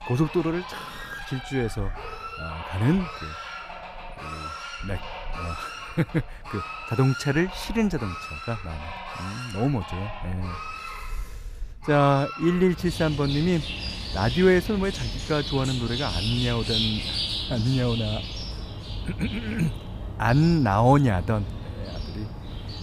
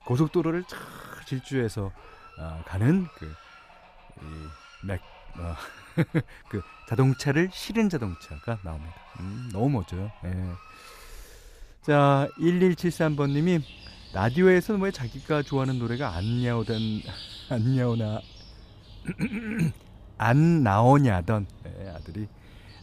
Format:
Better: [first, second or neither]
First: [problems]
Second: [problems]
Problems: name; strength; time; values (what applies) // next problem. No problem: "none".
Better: second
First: animal sounds; loud; throughout; 8 dB below the speech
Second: animal sounds; faint; throughout; 20 dB below the speech